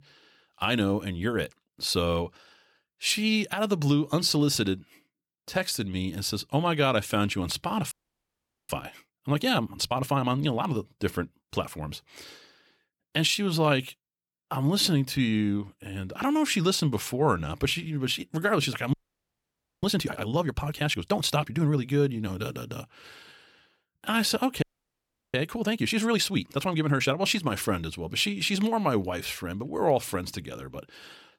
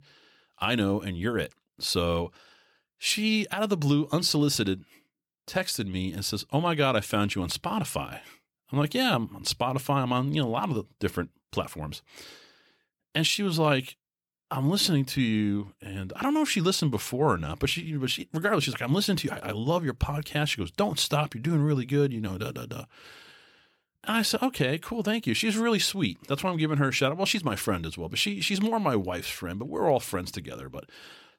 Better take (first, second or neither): second